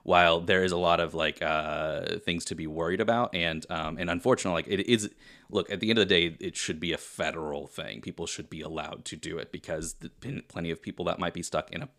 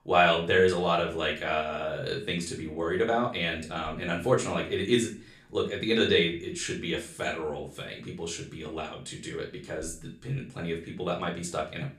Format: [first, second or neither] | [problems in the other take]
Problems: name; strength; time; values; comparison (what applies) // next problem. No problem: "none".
first | room echo; slight; dies away in 0.3 s // off-mic speech; far